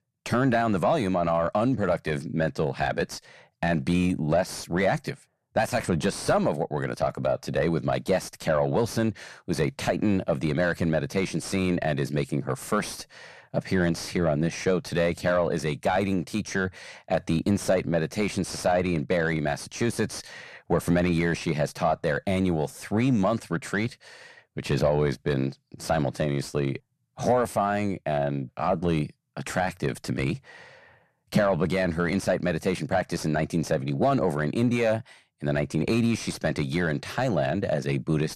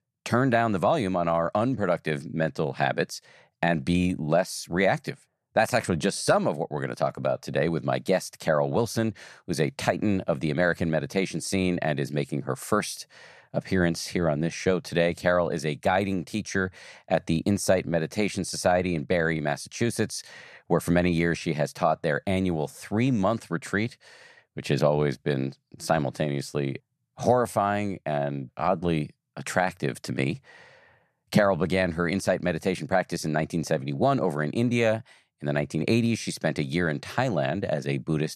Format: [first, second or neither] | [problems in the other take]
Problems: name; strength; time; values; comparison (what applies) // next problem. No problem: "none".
second | distortion; slight; 10 dB below the speech